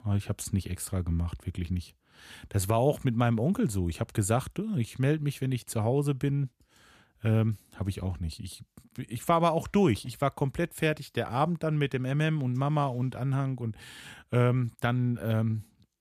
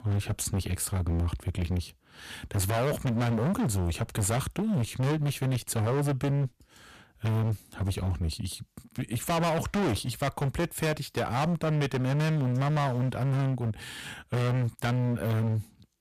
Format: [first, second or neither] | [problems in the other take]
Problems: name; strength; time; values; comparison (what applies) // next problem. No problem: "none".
first | distortion; heavy; 27% of the sound clipped